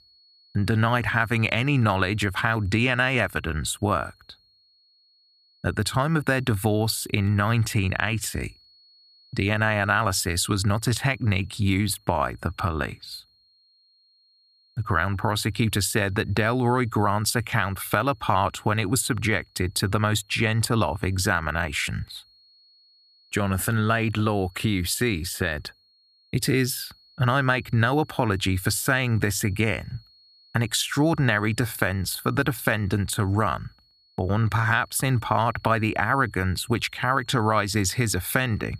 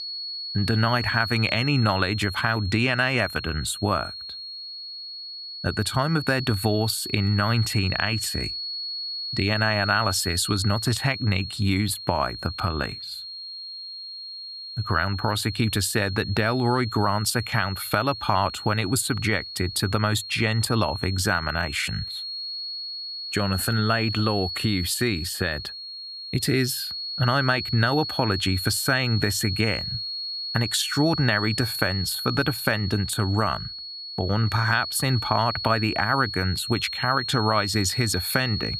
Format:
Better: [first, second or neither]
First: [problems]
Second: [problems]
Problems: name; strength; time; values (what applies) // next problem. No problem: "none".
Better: first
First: high-pitched whine; faint; throughout; 4.5 kHz, 30 dB below the speech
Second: high-pitched whine; loud; throughout; 4.5 kHz, 7 dB below the speech